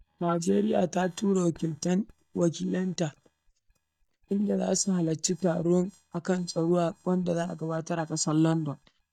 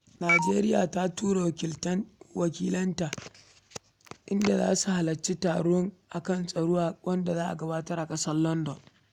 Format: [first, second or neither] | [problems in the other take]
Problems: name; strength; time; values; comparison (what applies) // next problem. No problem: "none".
second | noise reduction (neural mask model DeepFilterNet 3)